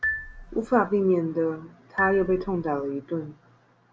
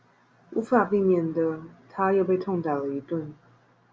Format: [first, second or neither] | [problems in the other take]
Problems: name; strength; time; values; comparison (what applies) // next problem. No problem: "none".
second | background sound (Marimba, xylophone); 9 dB below the speech